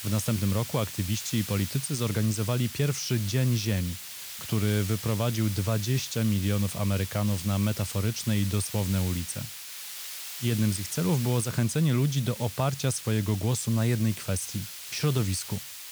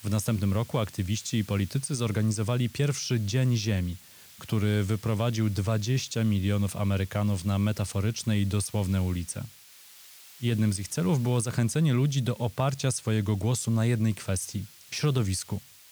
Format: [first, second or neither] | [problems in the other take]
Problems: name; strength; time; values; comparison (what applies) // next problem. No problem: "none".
second | hiss; loud; throughout; 8 dB below the speech; faint in the second